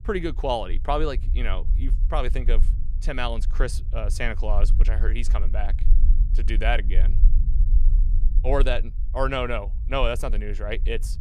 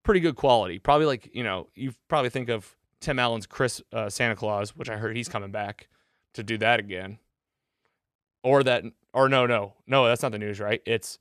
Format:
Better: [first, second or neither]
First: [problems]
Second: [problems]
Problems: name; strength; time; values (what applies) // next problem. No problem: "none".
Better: second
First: low rumble; noticeable; throughout; 20 dB below the speech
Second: none